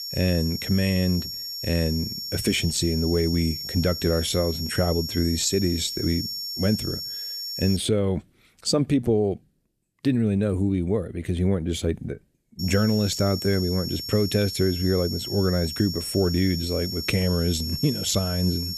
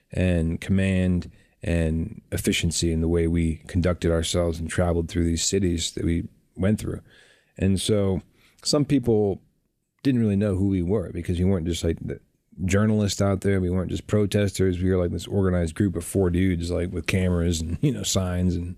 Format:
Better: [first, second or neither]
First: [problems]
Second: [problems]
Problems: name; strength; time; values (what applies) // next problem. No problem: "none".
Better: second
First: high-pitched whine; loud; until 8 s and from 13 s on; 5.5 kHz, 6 dB below the speech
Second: none